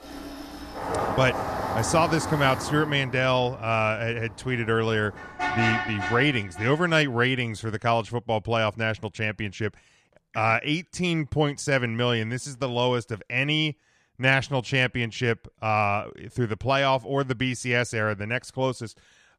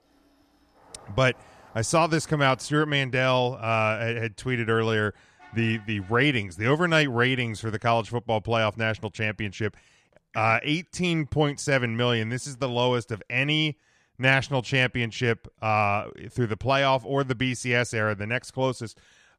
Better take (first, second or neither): second